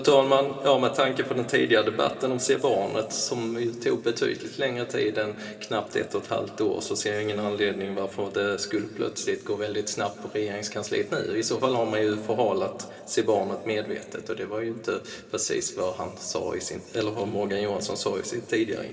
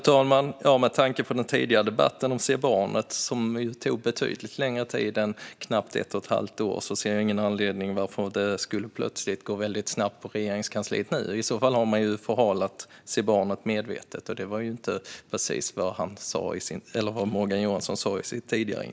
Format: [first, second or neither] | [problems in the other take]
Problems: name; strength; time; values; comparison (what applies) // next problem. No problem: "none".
second | room echo; dies away in 2.2 s